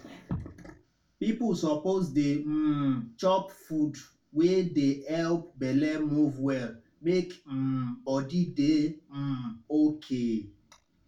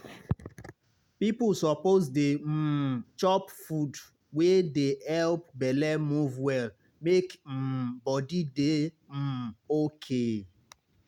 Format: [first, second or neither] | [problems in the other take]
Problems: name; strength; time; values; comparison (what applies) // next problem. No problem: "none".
second | room echo; dies away in 0.2 s